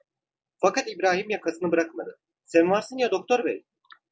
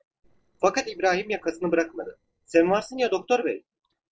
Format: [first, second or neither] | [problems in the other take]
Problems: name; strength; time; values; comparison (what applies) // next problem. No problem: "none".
first | noise reduction (neural separator model SepFormer DNS4)